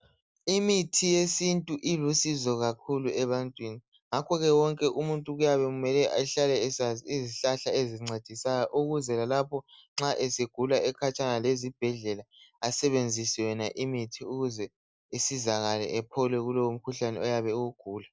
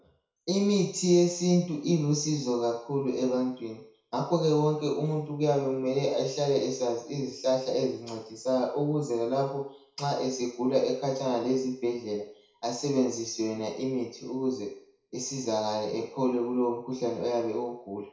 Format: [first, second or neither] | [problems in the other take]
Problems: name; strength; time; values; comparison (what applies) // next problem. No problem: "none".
first | room echo; dies away in 0.6 s